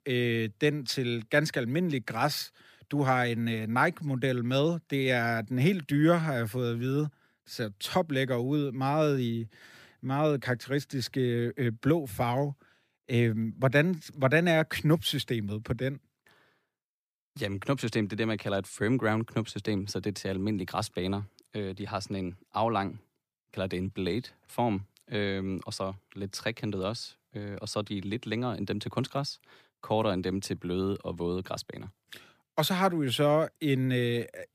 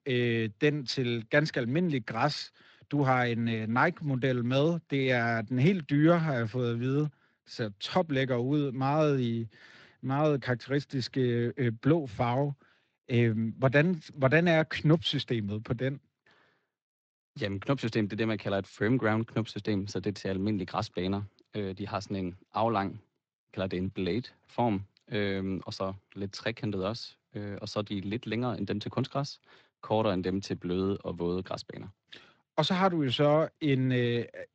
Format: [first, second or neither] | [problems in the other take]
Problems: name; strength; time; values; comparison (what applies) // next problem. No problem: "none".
first | garbled, watery; slightly; nothing above 7.5 kHz